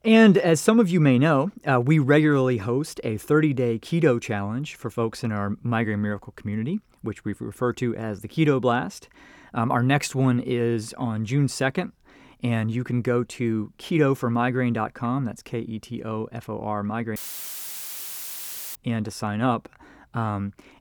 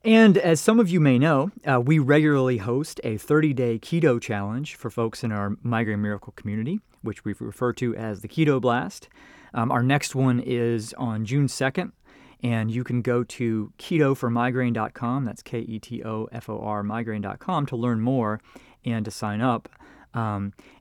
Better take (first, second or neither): second